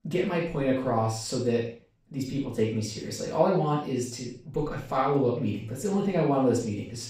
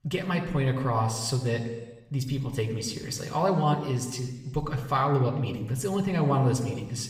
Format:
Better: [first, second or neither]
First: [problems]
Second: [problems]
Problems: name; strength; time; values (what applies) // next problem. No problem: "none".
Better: second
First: room echo; strong; dies away in 0.4 s // off-mic speech; far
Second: room echo; slight; dies away in 1.1 s // off-mic speech; somewhat distant